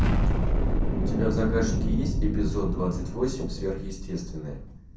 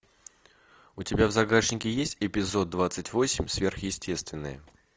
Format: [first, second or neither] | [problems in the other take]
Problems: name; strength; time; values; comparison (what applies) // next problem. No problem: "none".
second | background sound (Explosion); 5 dB above the speech // room echo; dies away in 0.6 s